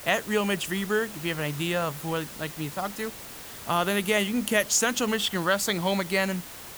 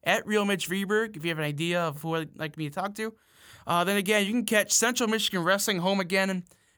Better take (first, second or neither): second